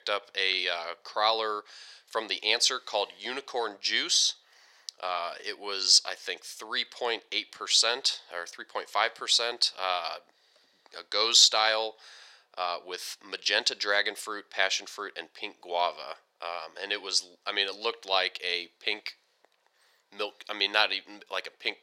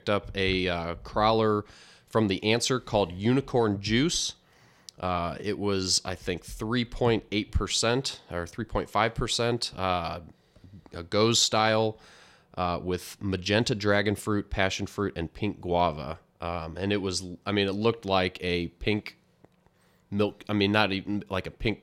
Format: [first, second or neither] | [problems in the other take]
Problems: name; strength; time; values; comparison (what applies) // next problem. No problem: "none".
second | thin; very; fading below 550 Hz